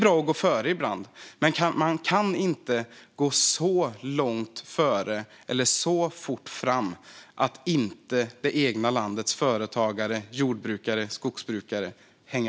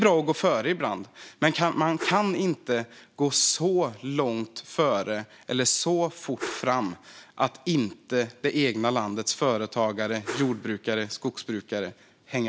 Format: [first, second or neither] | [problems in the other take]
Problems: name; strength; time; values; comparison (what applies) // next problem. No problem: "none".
first | background sound (Whoosh, swoosh, swish); 13 dB below the speech